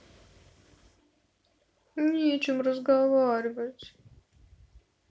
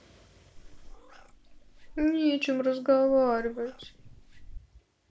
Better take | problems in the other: first | background sound (Meow); 16 dB below the speech

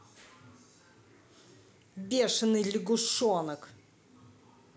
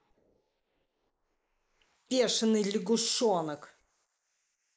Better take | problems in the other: first | noise reduction (neural mask model Resemble Enhance denoiser)

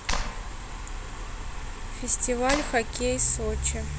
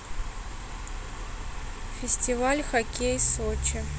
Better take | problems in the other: second | background sound (Clapping); 7 dB below the speech

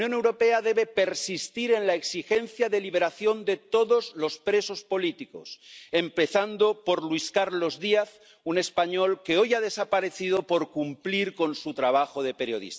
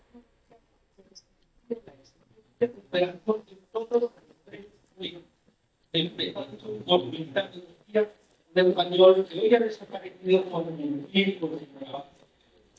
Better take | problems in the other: first | noise reduction (neural mask model DeepFilterNet 3)

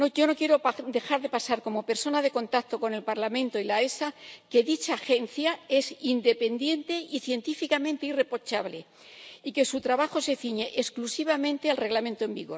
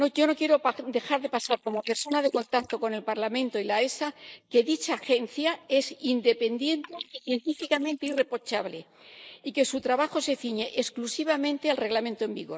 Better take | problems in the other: first | noise reduction (neural mask model Resemble Enhance denoiser)

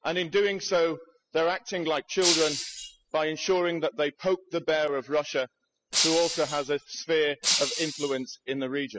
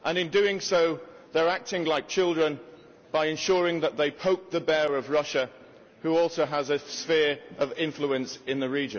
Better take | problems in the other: second | noise reduction (classical method spectral subtraction)

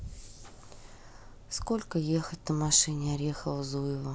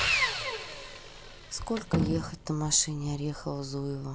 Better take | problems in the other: first | background sound (Slam + Sawing); 1 dB below the speech

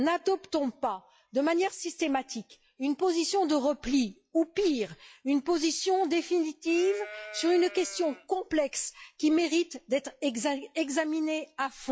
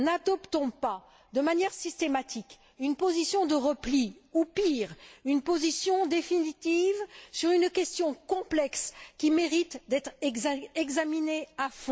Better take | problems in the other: second | noise reduction (classical method log-MMSE)

